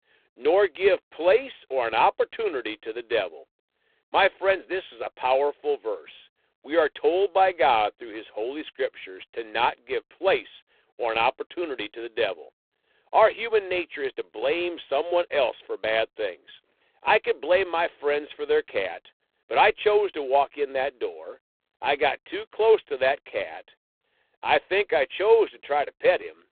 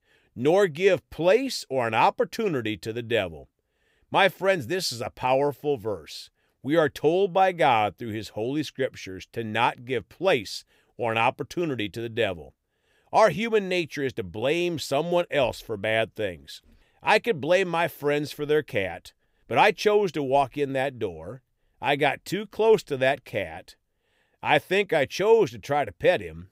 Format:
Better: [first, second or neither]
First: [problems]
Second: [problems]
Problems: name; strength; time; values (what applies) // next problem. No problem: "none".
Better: second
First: phone-call audio; poor line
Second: none